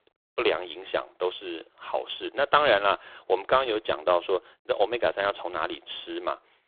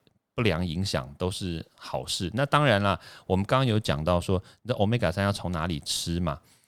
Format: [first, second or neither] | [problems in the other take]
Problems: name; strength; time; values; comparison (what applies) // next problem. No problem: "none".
second | phone-call audio; poor line